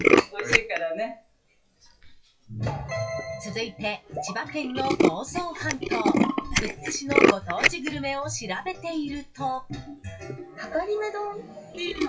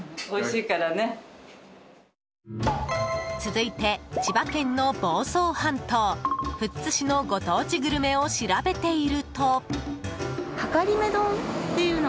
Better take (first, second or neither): second